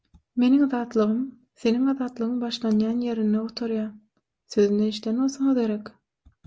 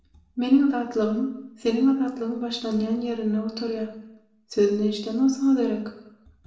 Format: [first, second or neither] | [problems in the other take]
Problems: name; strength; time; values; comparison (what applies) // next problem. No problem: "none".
first | room echo; dies away in 0.8 s